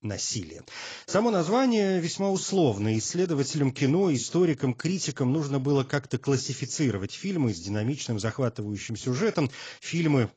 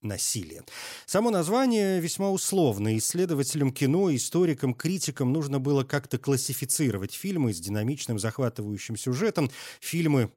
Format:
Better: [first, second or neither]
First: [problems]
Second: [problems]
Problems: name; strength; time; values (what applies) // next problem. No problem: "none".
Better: second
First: garbled, watery; badly; nothing above 7.5 kHz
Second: none